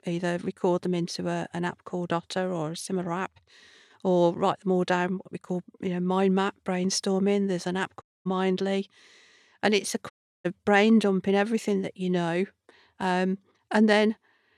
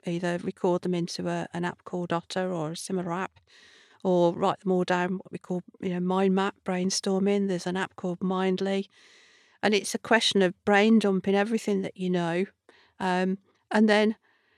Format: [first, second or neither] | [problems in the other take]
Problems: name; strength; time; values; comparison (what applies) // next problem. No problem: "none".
second | audio cutting out; at 8 s and at 10 s